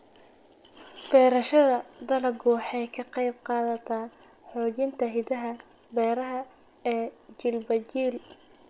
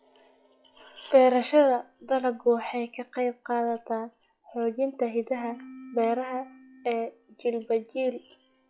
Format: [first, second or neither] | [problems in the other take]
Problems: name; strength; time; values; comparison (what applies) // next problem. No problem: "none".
first | noise reduction (classical method log-MMSE)